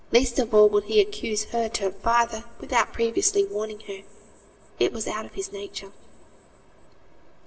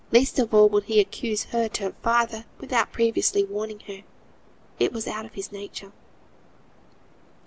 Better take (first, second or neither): second